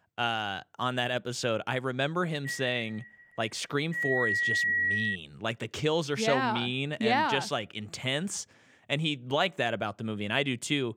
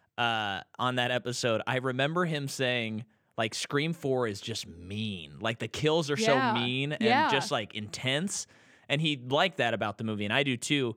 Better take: second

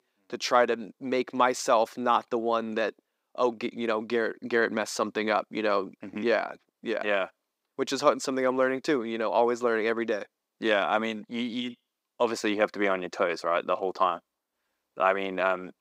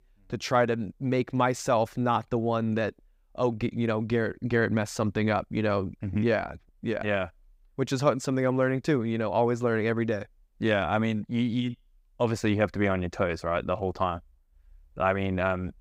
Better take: second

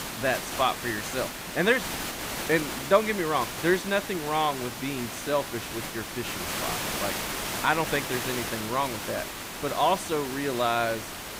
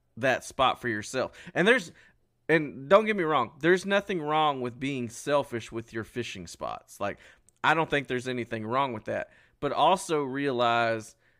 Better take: second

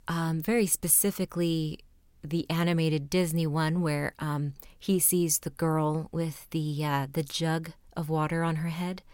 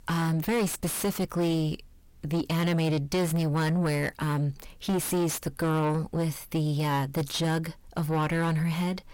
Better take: first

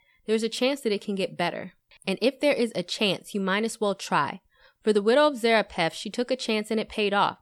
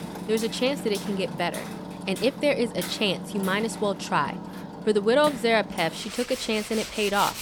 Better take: first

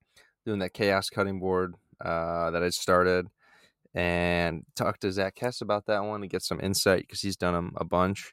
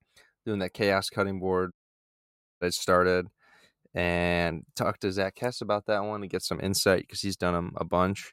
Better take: first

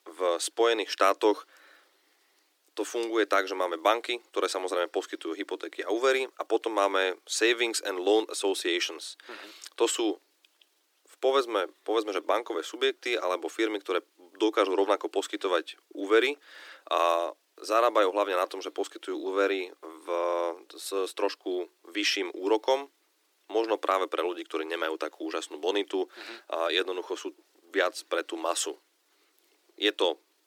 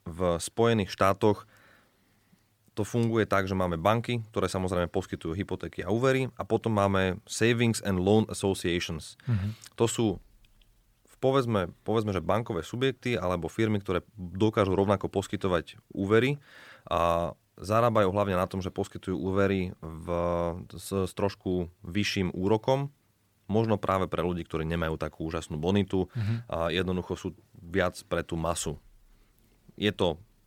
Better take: second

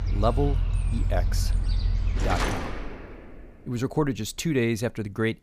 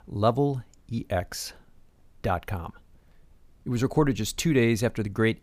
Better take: second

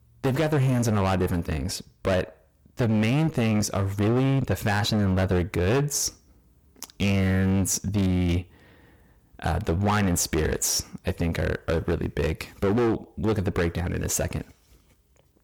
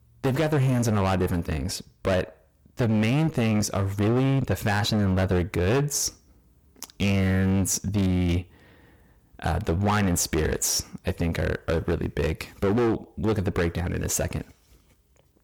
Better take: neither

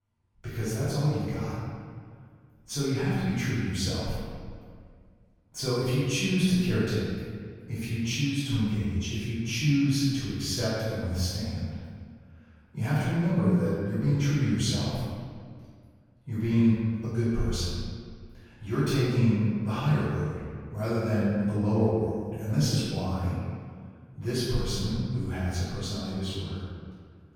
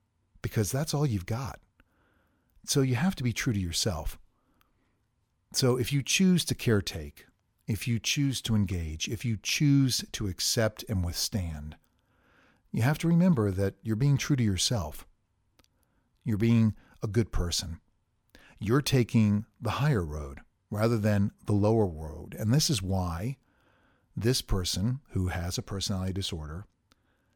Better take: second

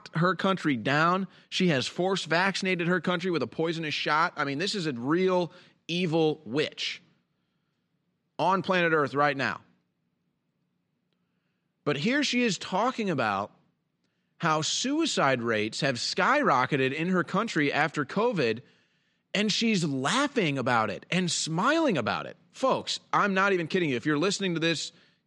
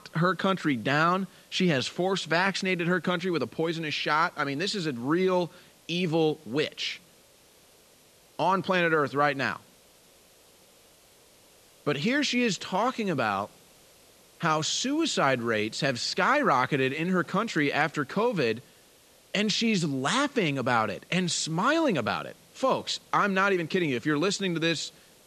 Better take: first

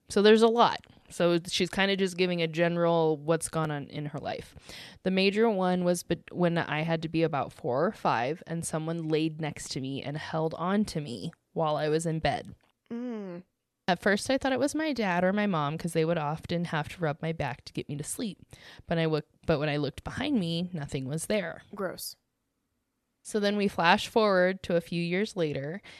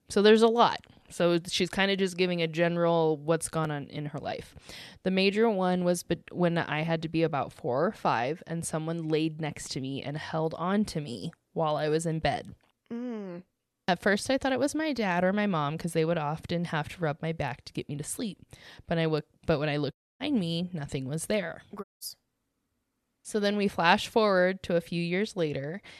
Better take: first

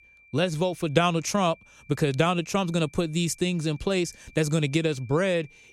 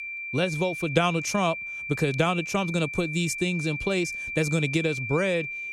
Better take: first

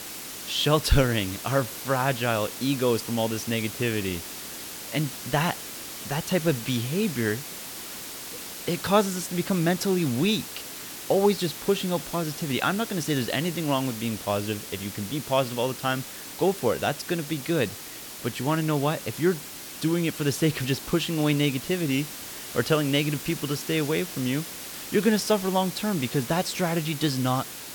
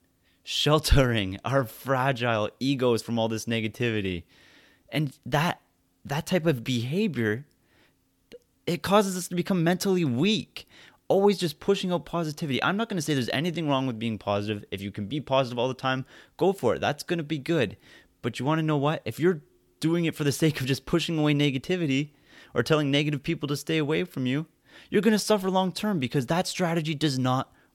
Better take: second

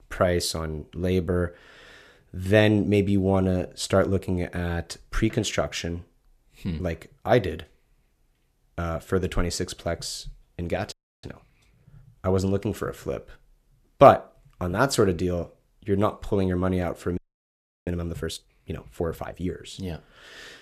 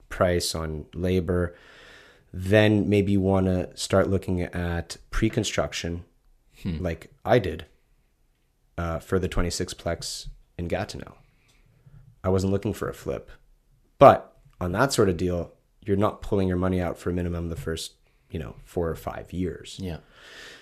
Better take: second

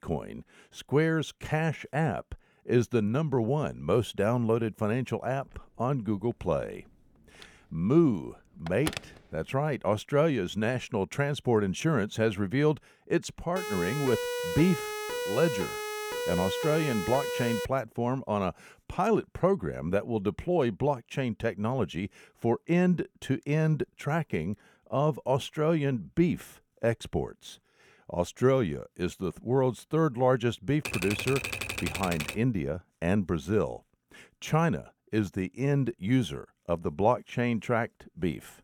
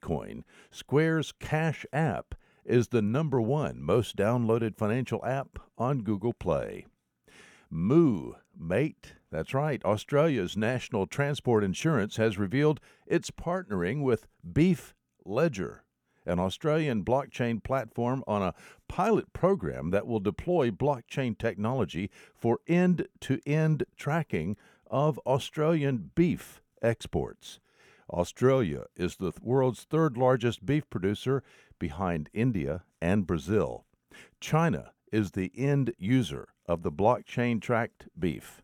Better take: second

